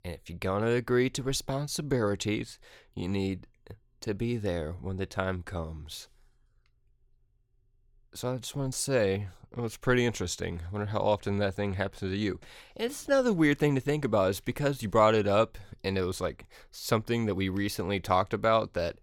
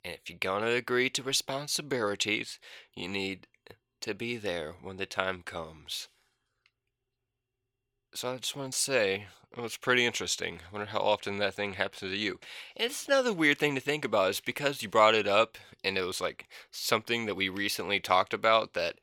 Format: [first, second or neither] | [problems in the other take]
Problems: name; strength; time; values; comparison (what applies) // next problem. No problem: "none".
first | thin; somewhat; fading below 600 Hz